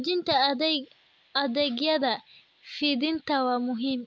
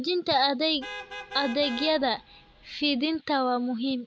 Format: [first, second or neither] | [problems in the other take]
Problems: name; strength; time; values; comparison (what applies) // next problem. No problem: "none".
first | background sound (Vehicle horn, car horn, honking); 14 dB below the speech